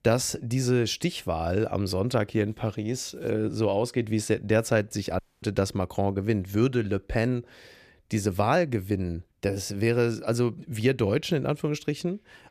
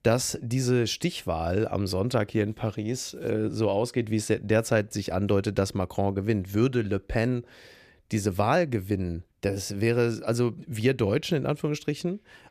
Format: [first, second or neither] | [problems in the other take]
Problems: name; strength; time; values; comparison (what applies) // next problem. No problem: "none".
second | audio cutting out; at 5 s